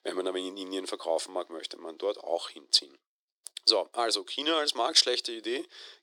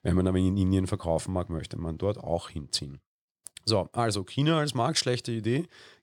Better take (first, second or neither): second